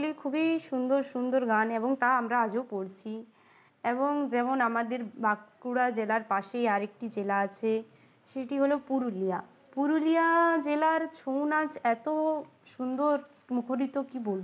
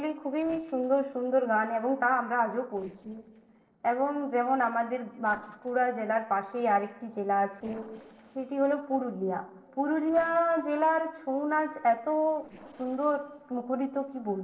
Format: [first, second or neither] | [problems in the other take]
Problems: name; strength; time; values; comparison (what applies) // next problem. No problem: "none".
first | noise reduction (neural separator model SepFormer DNS4)